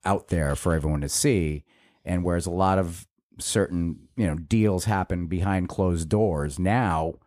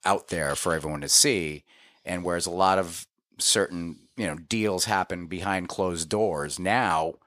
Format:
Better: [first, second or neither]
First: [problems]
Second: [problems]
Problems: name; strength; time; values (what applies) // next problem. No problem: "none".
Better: first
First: none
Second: thin; somewhat; fading below 700 Hz